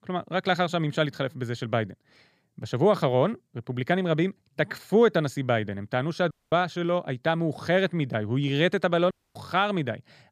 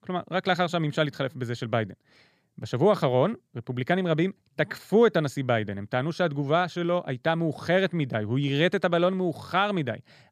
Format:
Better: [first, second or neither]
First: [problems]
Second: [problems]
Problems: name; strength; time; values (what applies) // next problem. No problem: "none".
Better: second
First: audio cutting out; at 6.5 s and at 9 s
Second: none